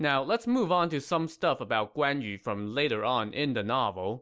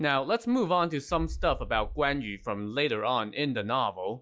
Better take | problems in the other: first | noise reduction (classical method log-MMSE)

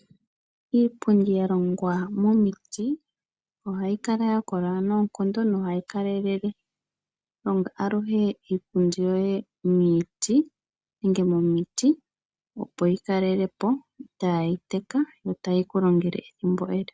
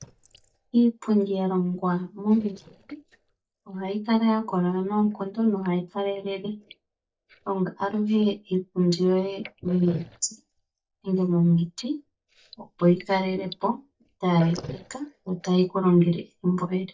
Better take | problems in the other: first | noise reduction (neural mask model DeepFilterNet 3)

